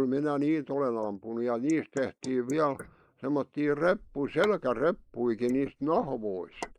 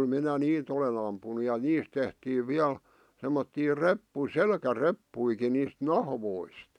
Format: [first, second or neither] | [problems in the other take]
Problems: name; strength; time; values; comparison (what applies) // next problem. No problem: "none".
second | noise reduction (neural mask model Resemble Enhance denoiser)